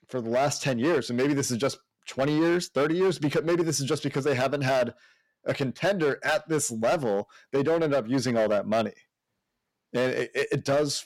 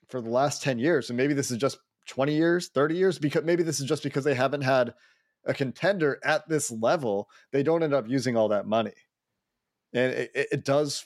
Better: second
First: distortion; slight; 9% of the sound clipped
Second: none

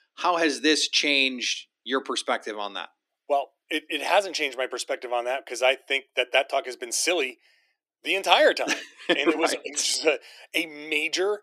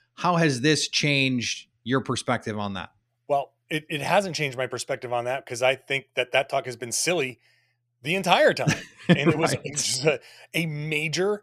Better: second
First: thin; somewhat; fading below 300 Hz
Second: none

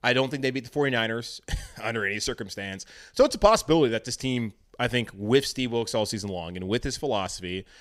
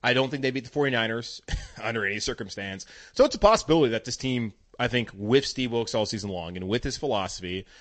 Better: first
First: none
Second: garbled, watery; slightly; nothing above 7.5 kHz

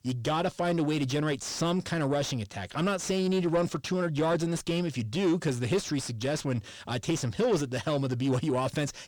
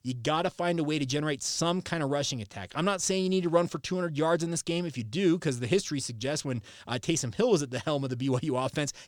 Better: second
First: distortion; slight; 10 dB below the speech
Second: none

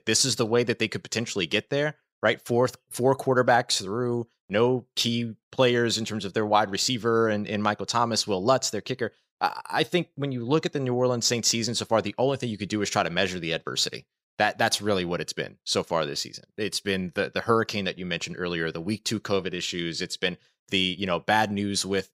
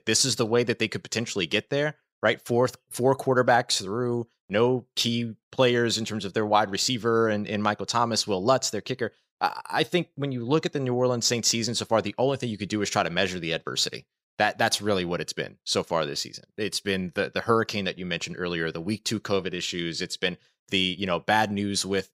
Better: neither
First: none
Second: none

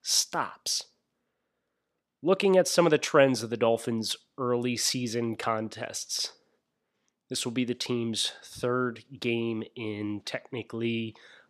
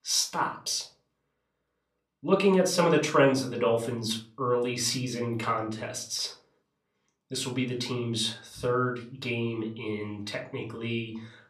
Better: first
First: none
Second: off-mic speech; somewhat distant // room echo; slight; dies away in 0.3 s

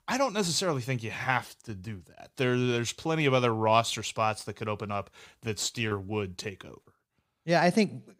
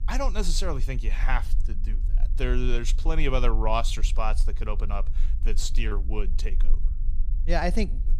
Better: first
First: none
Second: low rumble; faint; throughout; 20 dB below the speech

